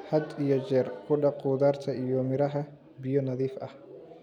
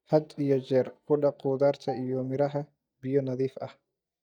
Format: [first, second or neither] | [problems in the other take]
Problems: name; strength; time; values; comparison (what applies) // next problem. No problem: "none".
first | noise reduction (neural mask model DeepFilterNet 3)